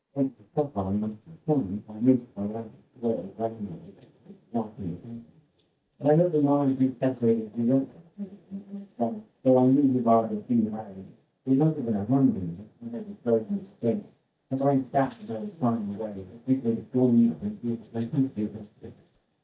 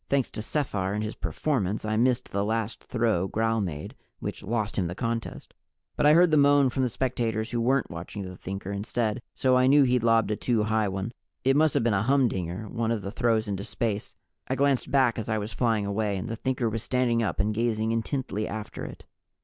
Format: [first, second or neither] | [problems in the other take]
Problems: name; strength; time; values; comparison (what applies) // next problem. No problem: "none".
second | noise reduction (neural mask model DeepFilterNet 3)